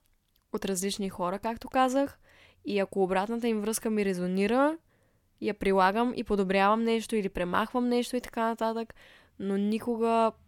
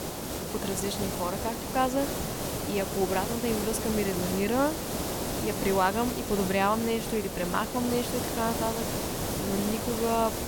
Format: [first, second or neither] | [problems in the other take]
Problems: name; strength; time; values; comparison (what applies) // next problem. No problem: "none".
first | hiss; loud; throughout; 2 dB below the speech